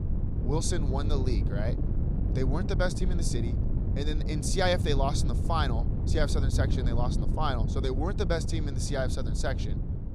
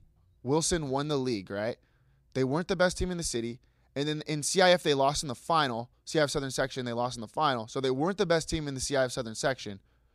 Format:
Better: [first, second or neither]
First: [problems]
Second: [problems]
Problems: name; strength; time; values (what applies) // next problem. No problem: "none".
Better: second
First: wind noise on the microphone; heavy; 8 dB below the speech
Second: none